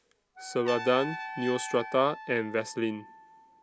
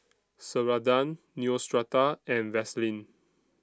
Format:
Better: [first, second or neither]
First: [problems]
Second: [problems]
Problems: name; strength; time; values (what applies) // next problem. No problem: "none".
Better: second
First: background sound (Trumpet + Wind instrument, woodwind instrument); 11 dB below the speech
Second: none